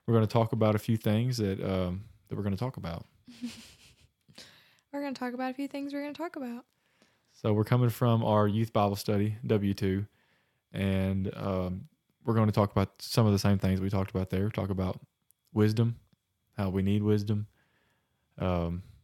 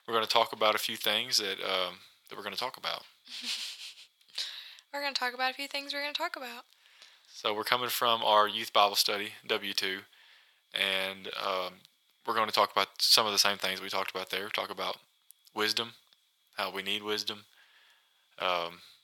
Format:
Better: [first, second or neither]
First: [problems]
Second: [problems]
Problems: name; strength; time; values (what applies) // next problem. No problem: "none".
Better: first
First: none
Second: thin; very; fading below 950 Hz